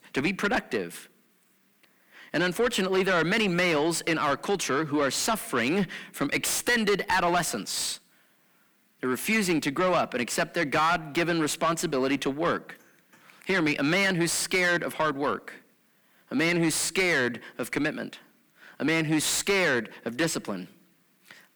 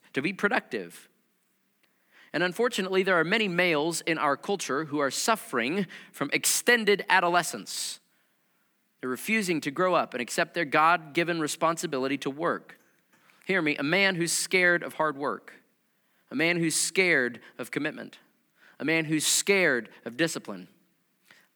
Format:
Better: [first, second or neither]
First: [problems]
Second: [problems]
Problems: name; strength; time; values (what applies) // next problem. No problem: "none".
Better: second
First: distortion; heavy; 7 dB below the speech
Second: none